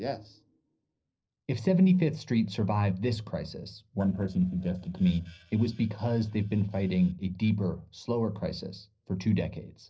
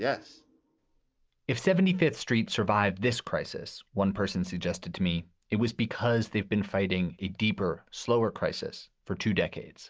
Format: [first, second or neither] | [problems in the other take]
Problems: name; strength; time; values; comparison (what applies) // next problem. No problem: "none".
second | noise reduction (neural separator model SepFormer DNS4)